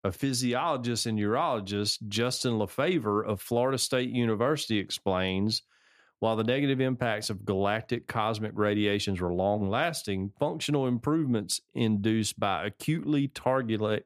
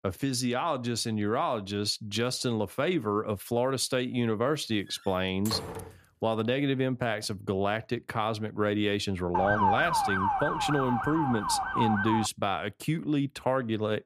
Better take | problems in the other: first | door banging; noticeable; from 5 to 6 s; peak 7 dB below the speech // siren; loud; from 9.5 to 12 s; peak 4 dB above the speech

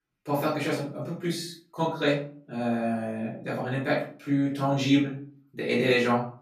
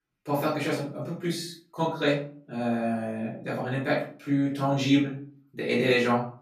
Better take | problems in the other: neither | off-mic speech; far; the same in both // room echo; noticeable; dies away in 0.4 s; the same in both

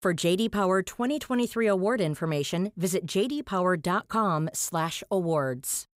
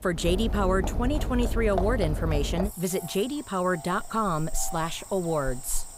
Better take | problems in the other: first | animal sounds; loud; throughout; 6 dB below the speech

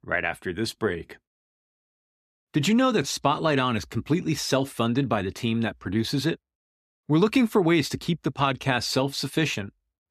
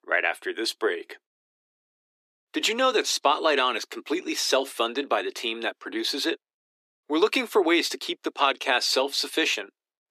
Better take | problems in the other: first | thin; very; fading below 350 Hz

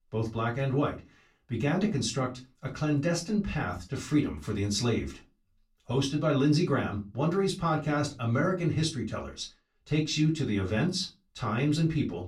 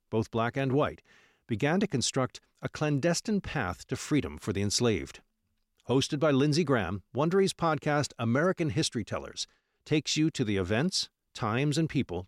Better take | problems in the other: second | off-mic speech; far // room echo; very slight; dies away in 0.2 s

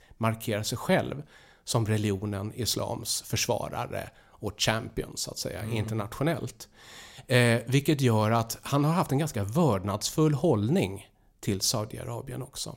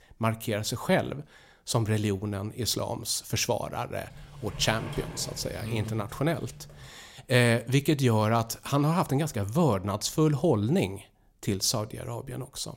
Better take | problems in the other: first | door banging; noticeable; from 4 to 7 s; peak 10 dB below the speech

